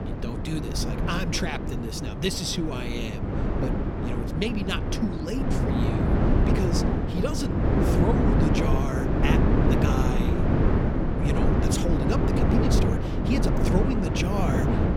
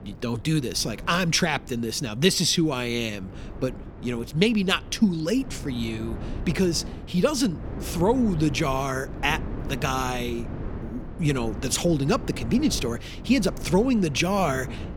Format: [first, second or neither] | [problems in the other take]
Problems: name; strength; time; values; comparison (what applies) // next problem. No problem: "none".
second | wind noise on the microphone; heavy; 2 dB above the speech; occasional gusts in the second